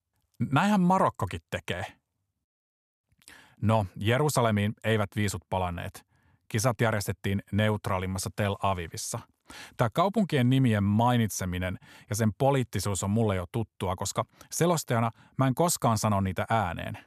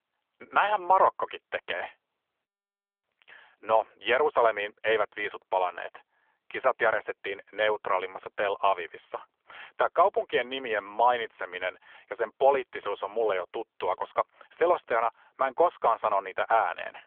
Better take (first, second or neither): first